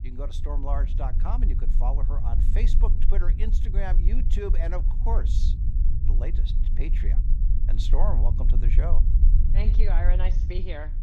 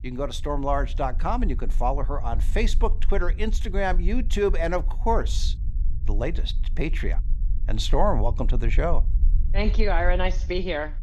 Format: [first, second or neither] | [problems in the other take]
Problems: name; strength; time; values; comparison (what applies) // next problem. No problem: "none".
second | low rumble; loud; throughout; 8 dB below the speech; faint in the second